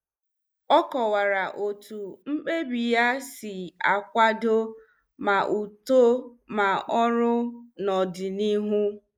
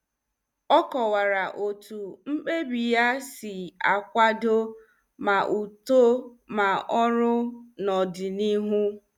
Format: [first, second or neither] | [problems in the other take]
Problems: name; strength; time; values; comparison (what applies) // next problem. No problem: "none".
second | noise reduction (neural mask model Resemble Enhance denoiser)